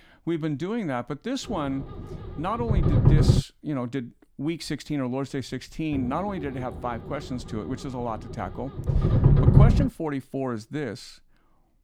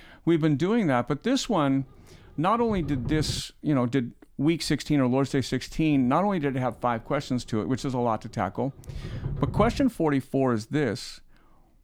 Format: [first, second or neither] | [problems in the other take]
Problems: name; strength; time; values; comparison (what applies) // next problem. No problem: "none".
second | low rumble; loud; from 1.5 to 3.5 s and from 5.5 to 10 s; 1 dB below the speech; faint in the second